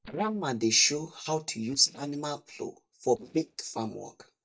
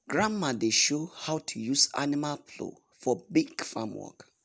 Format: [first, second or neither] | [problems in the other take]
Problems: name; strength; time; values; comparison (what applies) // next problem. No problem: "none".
second | noise reduction (neural mask model DeepFilterNet 3)